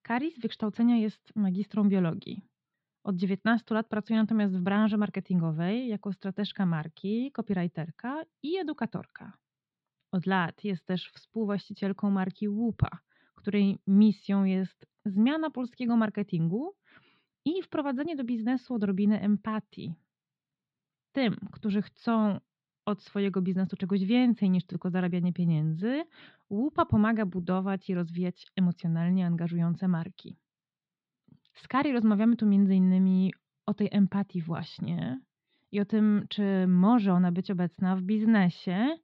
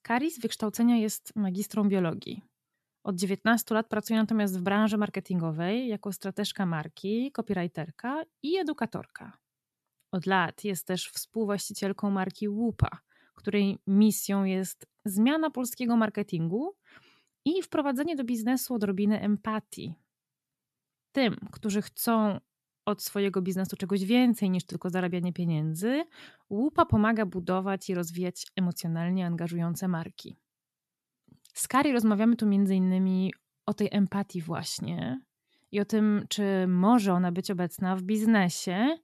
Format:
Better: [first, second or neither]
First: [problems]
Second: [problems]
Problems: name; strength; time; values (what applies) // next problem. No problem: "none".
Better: second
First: muffled; slightly; fading above 4 kHz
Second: none